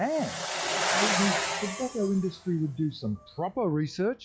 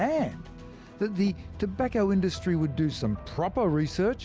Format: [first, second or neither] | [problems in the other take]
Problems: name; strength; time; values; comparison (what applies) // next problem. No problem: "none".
second | noise reduction (classical method log-MMSE)